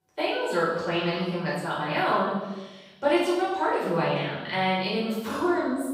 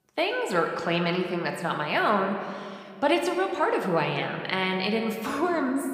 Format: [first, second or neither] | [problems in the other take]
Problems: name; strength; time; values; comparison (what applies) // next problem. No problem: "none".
second | room echo; strong; dies away in 1.1 s; slight in the second // off-mic speech; far